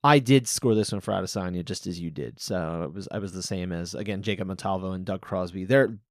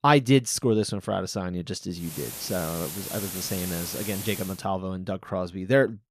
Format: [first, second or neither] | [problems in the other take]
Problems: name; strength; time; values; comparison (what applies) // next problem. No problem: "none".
first | hiss; loud; from 2 to 4.5 s; 7 dB below the speech